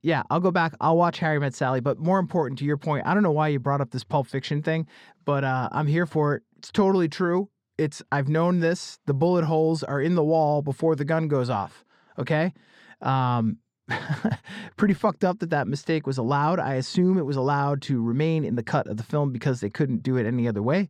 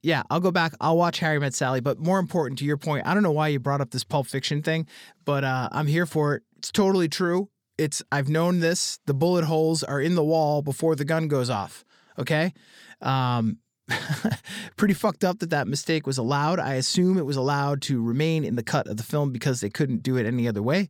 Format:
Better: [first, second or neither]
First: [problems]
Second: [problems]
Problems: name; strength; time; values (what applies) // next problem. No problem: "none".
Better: second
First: muffled; slightly; fading above 2 kHz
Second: none